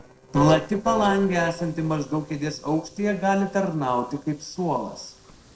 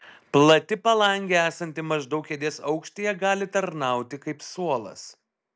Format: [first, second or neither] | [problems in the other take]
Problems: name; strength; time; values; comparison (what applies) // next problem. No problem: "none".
second | noise reduction (neural separator model SepFormer DNS4)